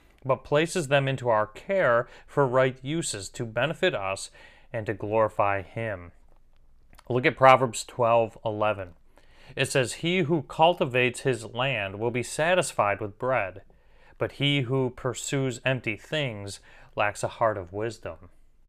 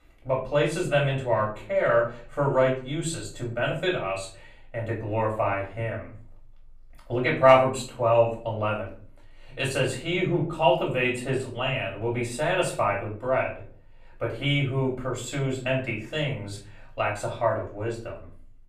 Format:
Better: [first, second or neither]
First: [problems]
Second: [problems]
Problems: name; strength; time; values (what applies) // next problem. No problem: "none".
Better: first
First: none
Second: off-mic speech; far // room echo; slight; dies away in 0.4 s